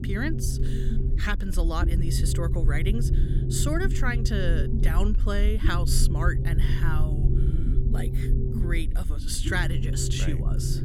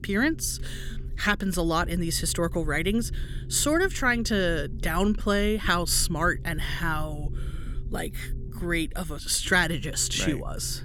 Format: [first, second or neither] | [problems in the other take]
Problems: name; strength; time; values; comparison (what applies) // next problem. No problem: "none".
second | low rumble; loud; throughout; 7 dB below the speech; faint in the second